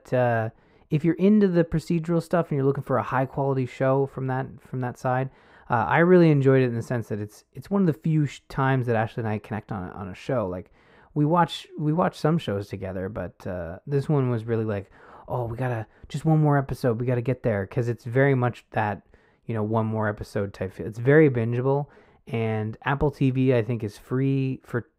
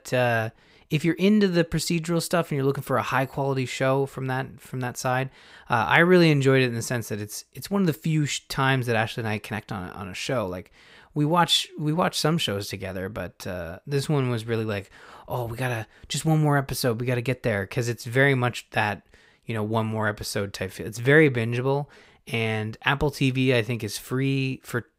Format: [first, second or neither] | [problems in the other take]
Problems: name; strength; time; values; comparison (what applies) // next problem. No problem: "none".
second | muffled; slightly; fading above 2 kHz